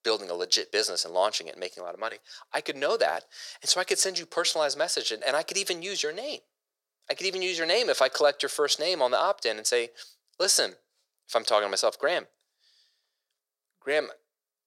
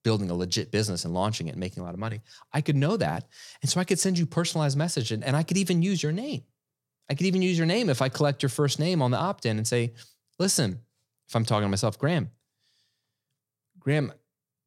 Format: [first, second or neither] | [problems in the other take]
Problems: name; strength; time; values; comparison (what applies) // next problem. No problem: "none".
second | thin; very; fading below 450 Hz